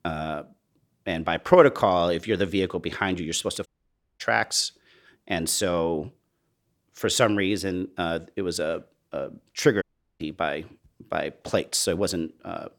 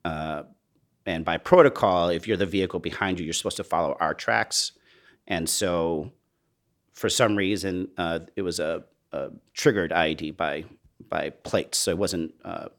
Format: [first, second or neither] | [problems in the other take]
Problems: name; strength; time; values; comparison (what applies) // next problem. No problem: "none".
second | audio cutting out; at 3.5 s for 0.5 s and at 10 s